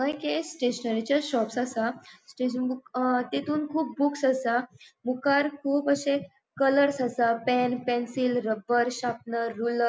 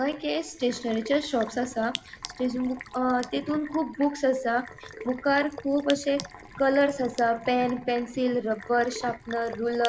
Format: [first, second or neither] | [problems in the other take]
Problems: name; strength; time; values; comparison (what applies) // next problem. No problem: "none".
first | background sound (Sink (filling or washing)); 16 dB below the speech